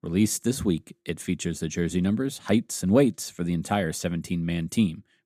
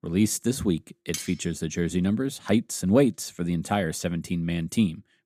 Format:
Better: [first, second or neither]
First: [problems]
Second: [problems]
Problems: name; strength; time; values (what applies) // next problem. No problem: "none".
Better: first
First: none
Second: clattering dishes; noticeable; at 1 s; peak 9 dB below the speech